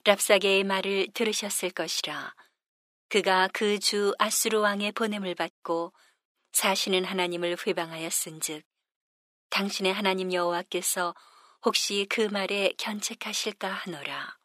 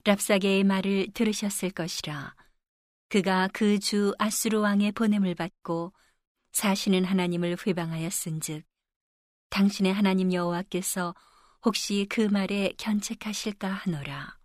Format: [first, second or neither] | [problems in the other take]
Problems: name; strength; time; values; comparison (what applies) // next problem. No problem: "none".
second | thin; somewhat; fading below 450 Hz